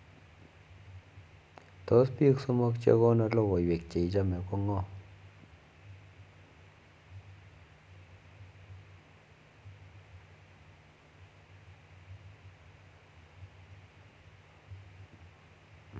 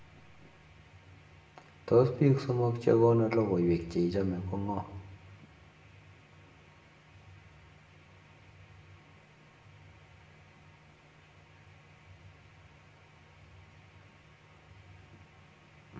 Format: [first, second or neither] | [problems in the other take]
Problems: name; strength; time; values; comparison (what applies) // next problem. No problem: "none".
first | room echo; dies away in 0.7 s